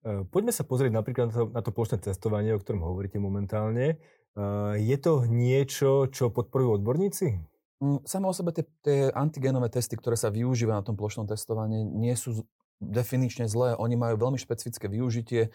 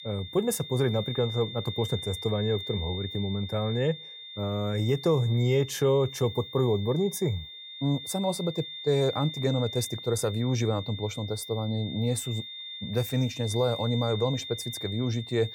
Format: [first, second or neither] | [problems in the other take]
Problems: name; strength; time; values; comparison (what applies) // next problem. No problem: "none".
first | high-pitched whine; loud; throughout; 3.5 kHz, 9 dB below the speech